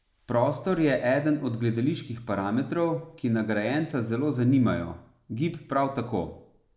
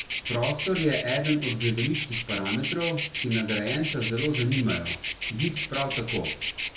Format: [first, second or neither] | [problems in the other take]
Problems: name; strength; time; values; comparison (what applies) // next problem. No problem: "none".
first | background sound (Insect); 4 dB below the speech // room echo; dies away in 0.3 s